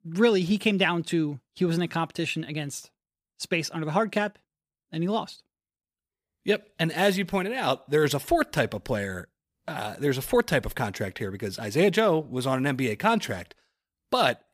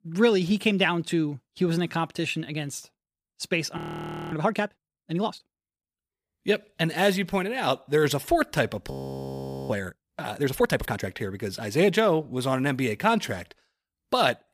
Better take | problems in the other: first | audio freezing; at 4 s for 0.5 s and at 9 s for 1 s

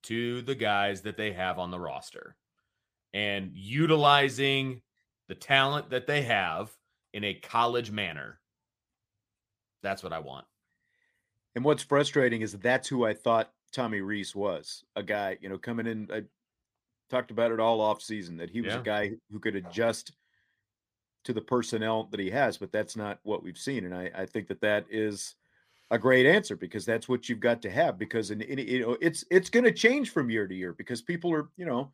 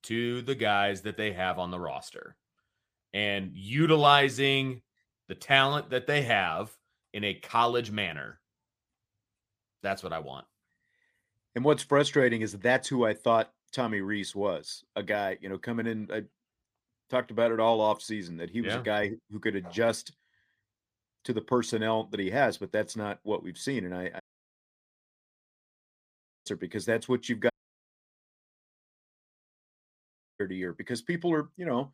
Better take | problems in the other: first | audio cutting out; at 24 s for 2.5 s and at 28 s for 3 s

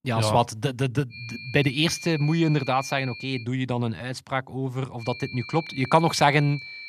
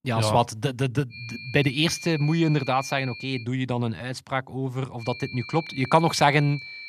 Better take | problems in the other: neither | high-pitched whine; noticeable; from 1 to 3.5 s and from 5 s on; 2.5 kHz, 15 dB below the speech; the same in both

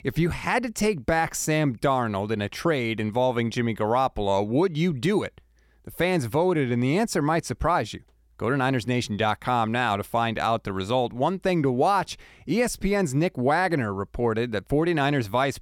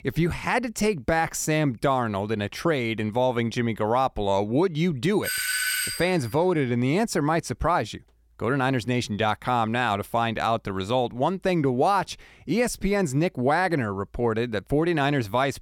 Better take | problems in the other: first | doorbell; loud; at 5 s; peak 1 dB above the speech

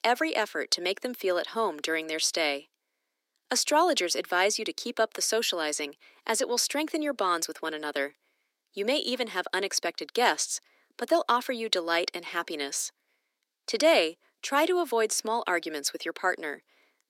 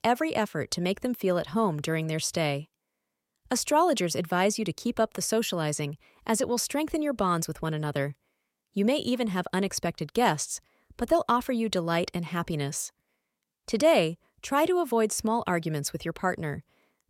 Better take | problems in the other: second | thin; somewhat; fading below 300 Hz

